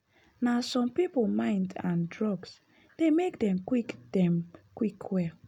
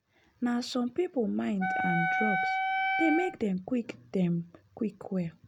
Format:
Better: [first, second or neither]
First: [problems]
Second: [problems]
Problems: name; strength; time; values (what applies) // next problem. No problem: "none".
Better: first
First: none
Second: background sound (Wind instrument, woodwind instrument); 2 dB above the speech